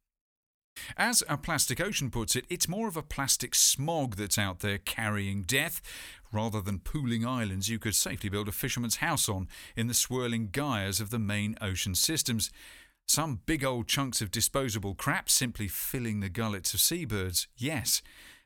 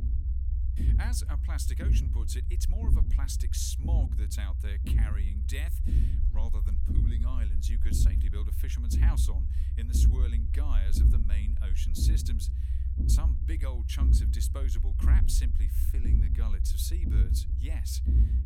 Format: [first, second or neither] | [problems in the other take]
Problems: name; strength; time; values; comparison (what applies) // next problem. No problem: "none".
first | low rumble; loud; throughout; 3 dB below the speech